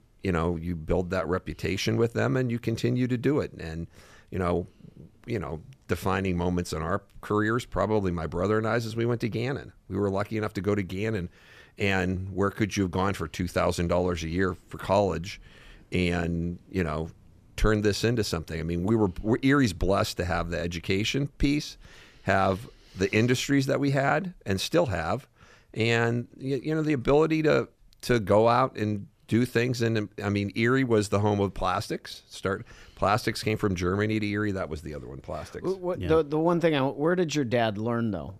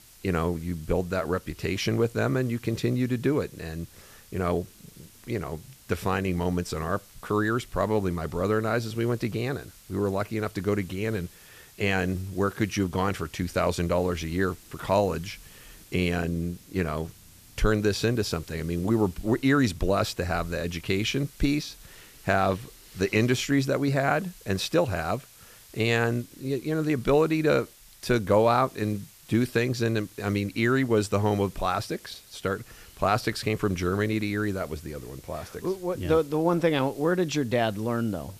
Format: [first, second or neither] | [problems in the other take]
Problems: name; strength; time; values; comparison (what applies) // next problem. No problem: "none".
first | hiss; faint; throughout; 25 dB below the speech